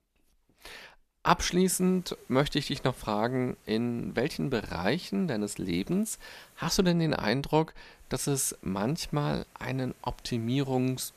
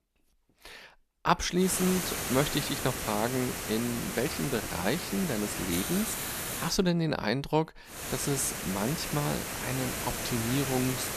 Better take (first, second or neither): first